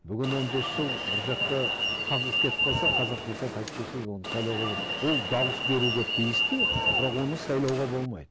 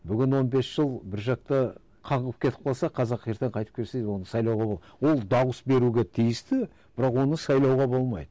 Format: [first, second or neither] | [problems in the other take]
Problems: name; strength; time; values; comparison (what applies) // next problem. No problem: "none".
second | background sound (Alarm); 1 dB above the speech